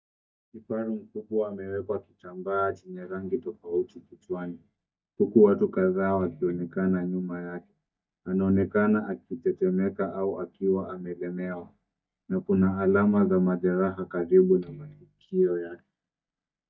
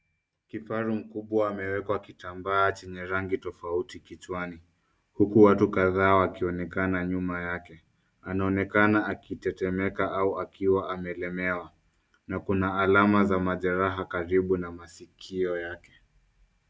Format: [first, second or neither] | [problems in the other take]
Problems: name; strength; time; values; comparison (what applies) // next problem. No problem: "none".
second | noise reduction (neural mask model DeepFilterNet 3)